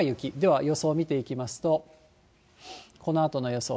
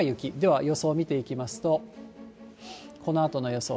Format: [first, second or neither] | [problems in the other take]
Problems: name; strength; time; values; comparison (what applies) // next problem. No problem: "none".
first | background sound (Musical instrument); 19 dB below the speech